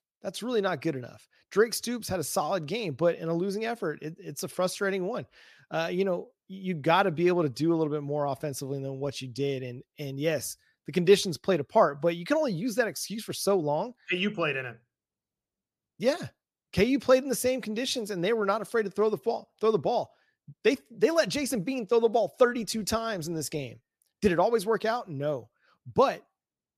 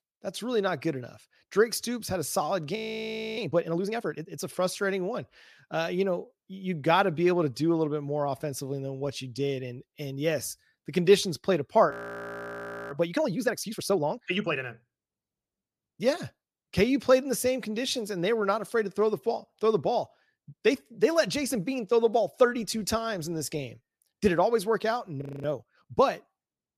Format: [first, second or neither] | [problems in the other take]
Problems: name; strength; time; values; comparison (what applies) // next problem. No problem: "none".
first | audio freezing; at 3 s for 0.5 s, at 12 s for 1 s and at 25 s